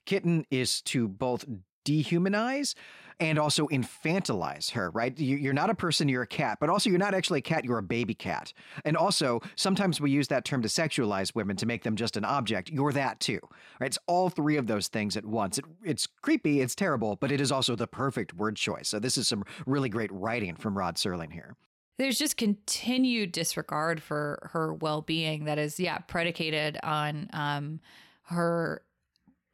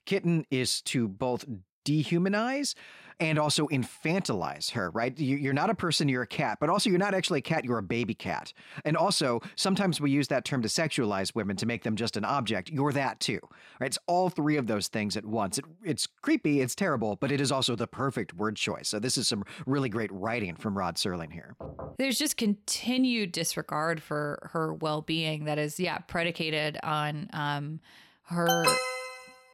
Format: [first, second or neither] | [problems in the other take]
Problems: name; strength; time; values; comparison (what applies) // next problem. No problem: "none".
first | door banging; faint; at 22 s; peak 15 dB below the speech // alarm; loud; at 28 s; peak 4 dB above the speech